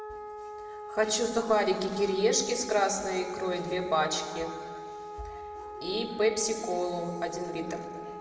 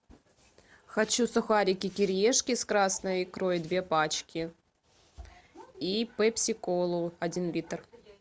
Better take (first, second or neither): second